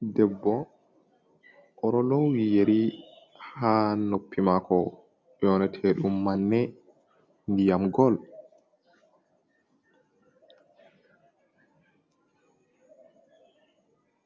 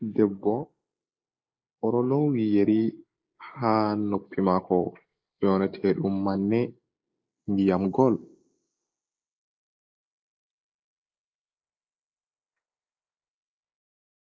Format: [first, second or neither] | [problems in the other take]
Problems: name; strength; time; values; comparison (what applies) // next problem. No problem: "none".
first | noise reduction (neural mask model Resemble Enhance denoiser)